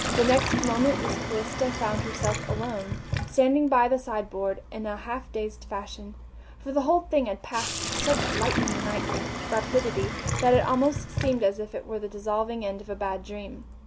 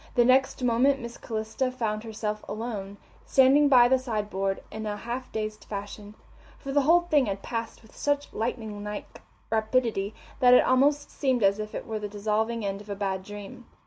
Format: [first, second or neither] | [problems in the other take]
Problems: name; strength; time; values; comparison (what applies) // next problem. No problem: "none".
second | background sound (Sink (filling or washing)); 5 dB below the speech